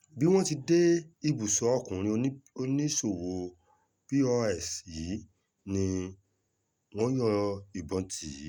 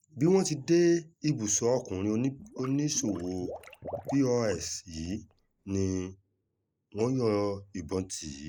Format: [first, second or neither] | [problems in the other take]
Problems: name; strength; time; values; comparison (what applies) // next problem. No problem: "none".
first | noise reduction (neural mask model Resemble Enhance denoiser)